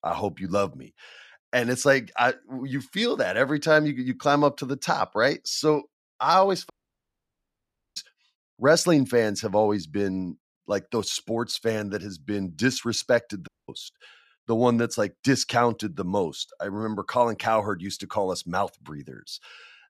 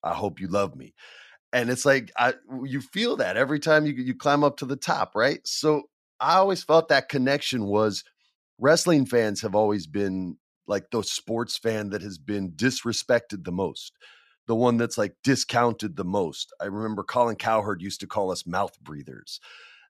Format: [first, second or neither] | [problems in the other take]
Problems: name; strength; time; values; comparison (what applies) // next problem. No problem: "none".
second | audio cutting out; at 6.5 s for 1.5 s and at 13 s